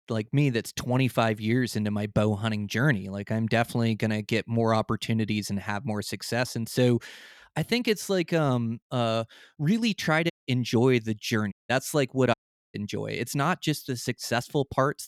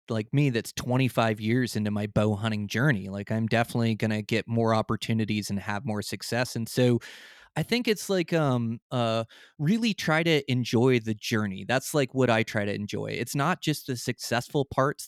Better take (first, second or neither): second